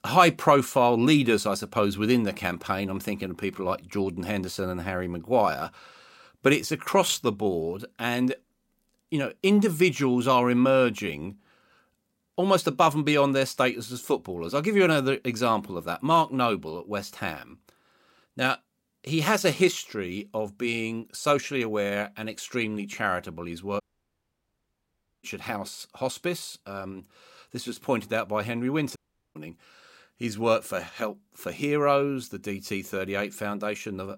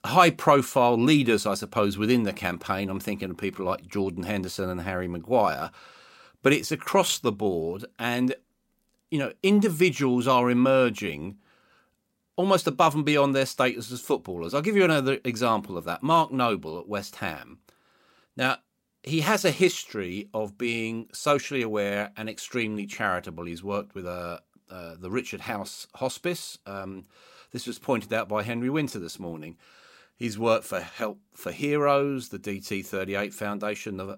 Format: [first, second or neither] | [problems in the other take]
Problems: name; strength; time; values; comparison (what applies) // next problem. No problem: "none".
second | audio cutting out; at 24 s for 1.5 s and at 29 s